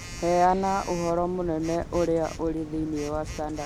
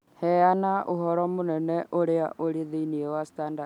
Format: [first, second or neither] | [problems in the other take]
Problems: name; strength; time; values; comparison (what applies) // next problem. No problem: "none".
second | background sound (Telephone); 12 dB below the speech